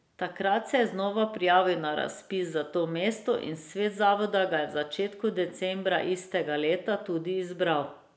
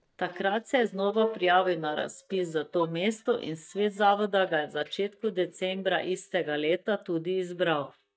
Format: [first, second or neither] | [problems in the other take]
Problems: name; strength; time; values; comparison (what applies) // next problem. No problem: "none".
first | noise reduction (neural mask model DeepFilterNet 3)